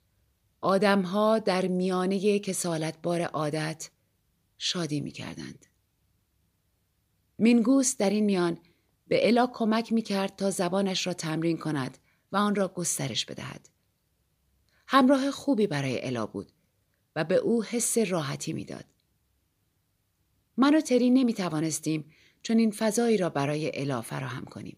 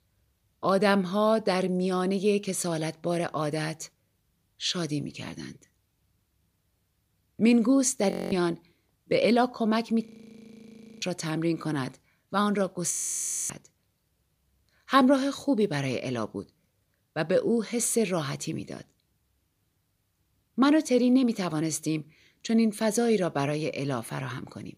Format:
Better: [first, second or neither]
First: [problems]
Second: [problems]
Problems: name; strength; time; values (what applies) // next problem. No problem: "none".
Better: first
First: none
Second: audio freezing; at 8 s, at 10 s for 1 s and at 13 s for 0.5 s